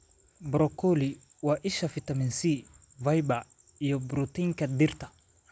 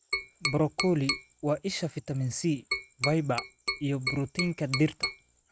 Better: first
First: none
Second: noise reduction (neural mask model RNNoise)

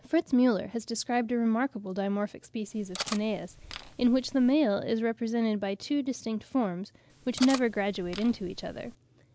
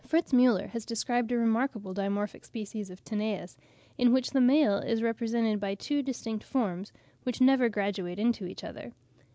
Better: second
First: background sound (Cutlery, silverware); 13 dB below the speech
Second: none

